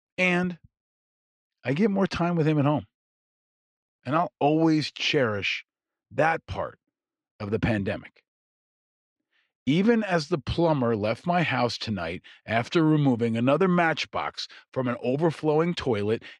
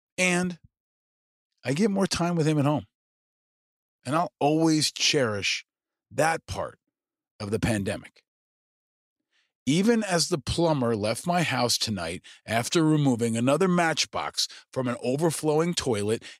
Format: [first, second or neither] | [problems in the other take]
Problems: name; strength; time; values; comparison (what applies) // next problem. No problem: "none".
second | muffled; slightly; fading above 2.5 kHz